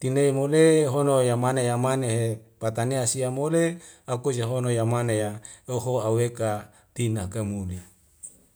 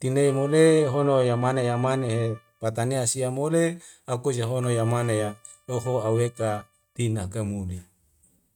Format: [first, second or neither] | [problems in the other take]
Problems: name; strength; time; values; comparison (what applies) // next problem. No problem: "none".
first | noise reduction (neural mask model RNNoise)